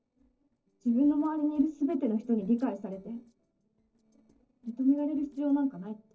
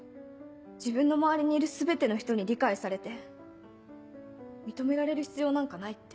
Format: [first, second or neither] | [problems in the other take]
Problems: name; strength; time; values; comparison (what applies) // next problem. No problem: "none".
second | noise reduction (neural separator model SepFormer DNS4)